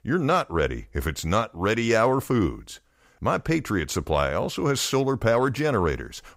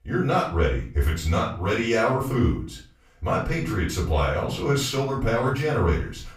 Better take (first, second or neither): first